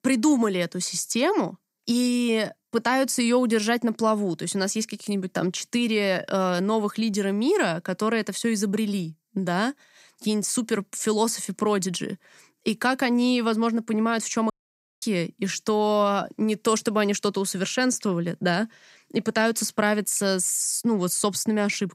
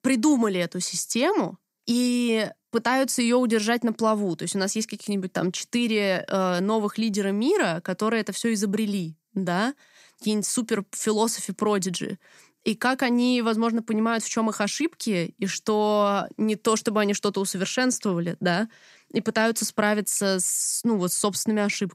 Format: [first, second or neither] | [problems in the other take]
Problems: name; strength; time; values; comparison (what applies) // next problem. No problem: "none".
second | audio cutting out; at 15 s for 0.5 s